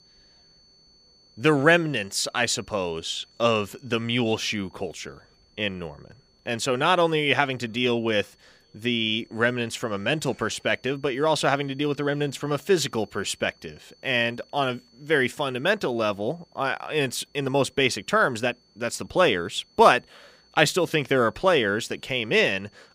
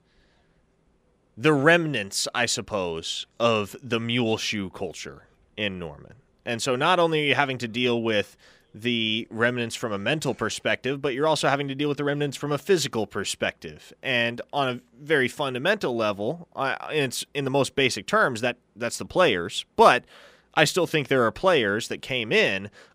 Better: second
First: high-pitched whine; faint; throughout; 4.5 kHz, 35 dB below the speech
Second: none

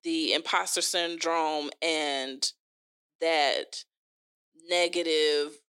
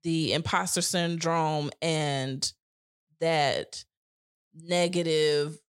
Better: second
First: thin; somewhat; fading below 300 Hz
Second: none

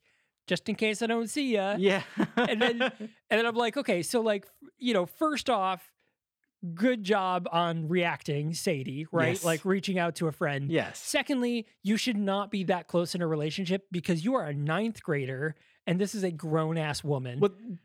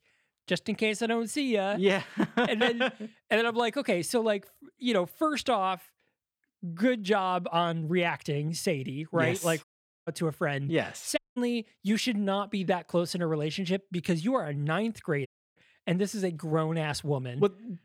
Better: first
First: none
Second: audio cutting out; at 9.5 s, at 11 s and at 15 s

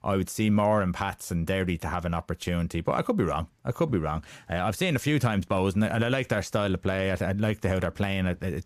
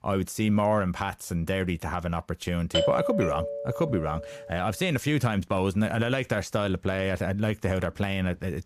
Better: first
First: none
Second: doorbell; loud; from 2.5 to 4.5 s; peak 2 dB above the speech

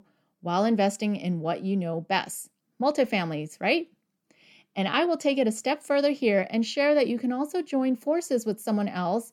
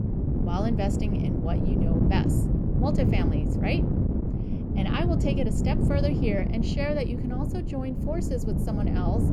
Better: first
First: none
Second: wind noise on the microphone; heavy; 1 dB below the speech

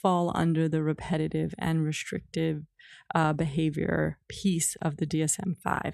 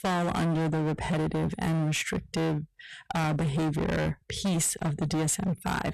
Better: first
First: none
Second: distortion; heavy; 30% of the sound clipped

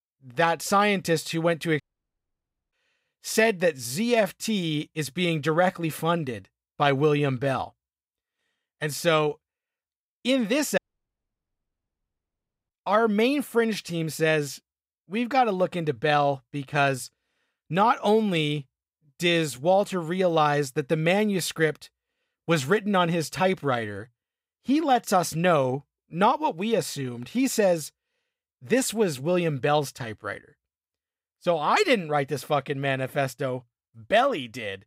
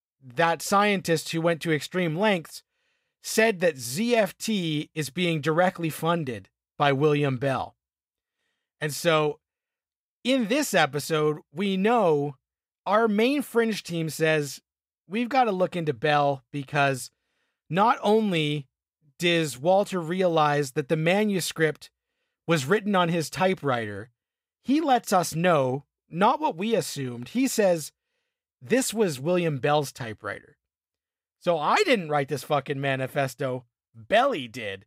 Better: second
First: audio cutting out; at 2 s for 1 s and at 11 s for 2 s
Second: none

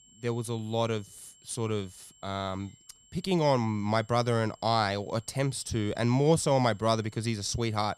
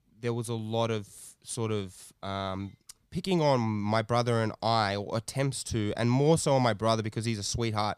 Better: second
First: high-pitched whine; faint; throughout; 7.5 kHz, 30 dB below the speech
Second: none

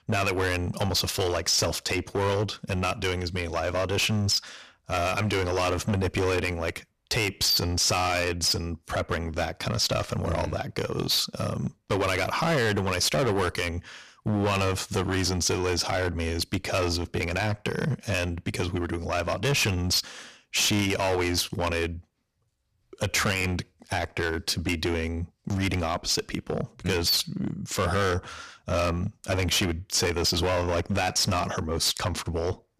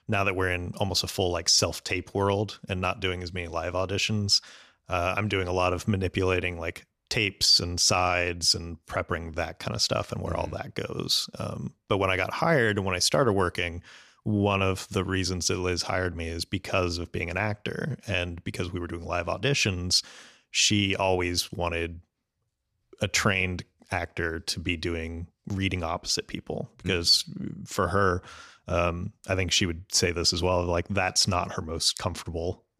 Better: second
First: distortion; heavy; 14% of the sound clipped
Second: none

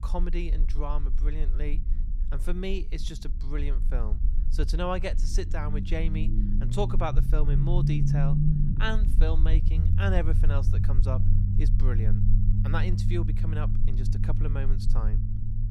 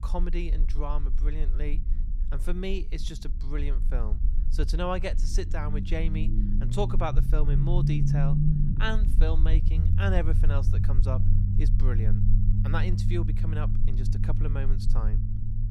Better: neither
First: low rumble; loud; throughout; 5 dB below the speech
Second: low rumble; loud; throughout; 5 dB below the speech

